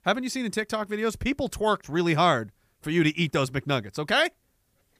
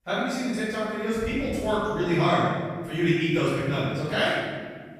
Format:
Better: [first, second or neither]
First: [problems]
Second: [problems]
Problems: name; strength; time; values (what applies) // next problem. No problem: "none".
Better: first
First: none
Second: room echo; strong; dies away in 1.6 s // off-mic speech; far